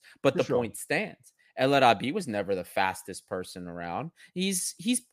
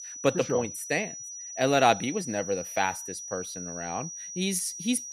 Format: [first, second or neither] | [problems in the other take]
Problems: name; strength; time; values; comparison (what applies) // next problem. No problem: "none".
first | high-pitched whine; loud; throughout; 6 kHz, 9 dB below the speech